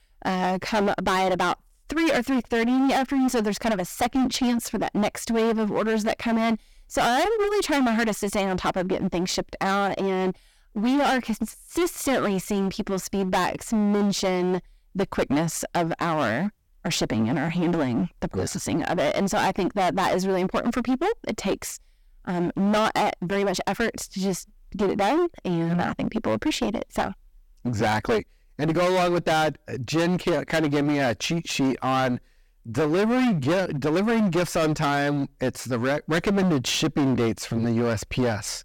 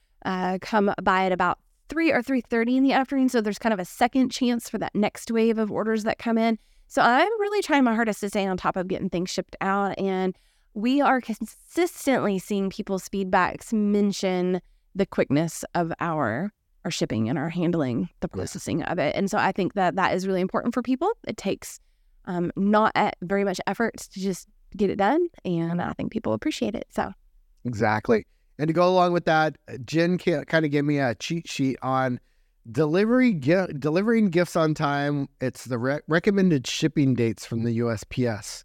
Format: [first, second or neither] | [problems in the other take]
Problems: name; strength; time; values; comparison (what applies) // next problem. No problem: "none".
second | distortion; heavy; 20% of the sound clipped